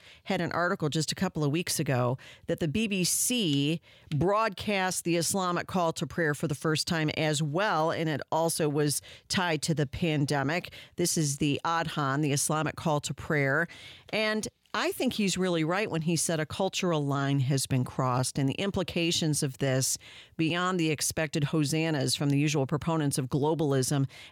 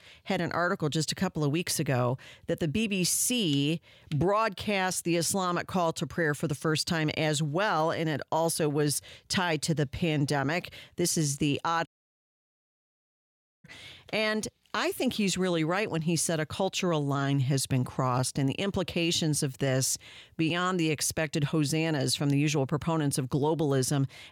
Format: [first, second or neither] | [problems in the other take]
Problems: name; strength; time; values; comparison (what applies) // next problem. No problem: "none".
first | audio cutting out; at 12 s for 2 s